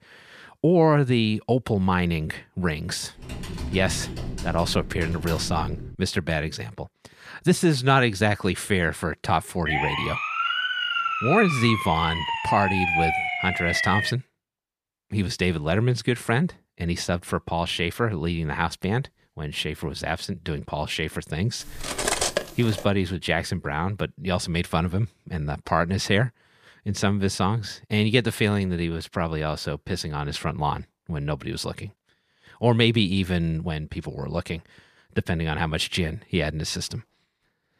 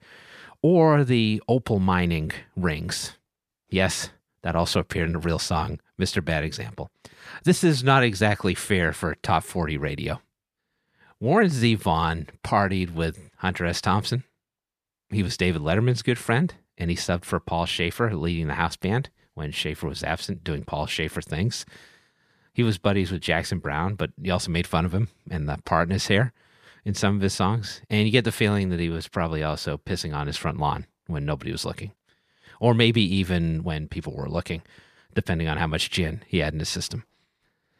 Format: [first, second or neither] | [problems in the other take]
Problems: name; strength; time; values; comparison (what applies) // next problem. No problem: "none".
second | keyboard typing; noticeable; from 3 to 6 s; peak 8 dB below the speech // siren; loud; from 9.5 to 14 s; peak 3 dB above the speech // clattering dishes; loud; from 22 to 23 s; peak 2 dB above the speech